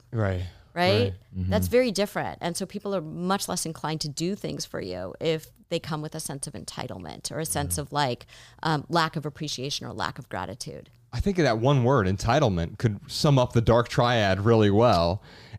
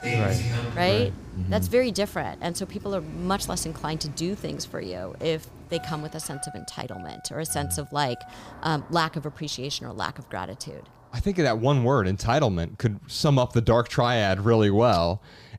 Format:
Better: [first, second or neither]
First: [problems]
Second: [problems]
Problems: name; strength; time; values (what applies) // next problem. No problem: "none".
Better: first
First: none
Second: traffic noise; noticeable; throughout; 10 dB below the speech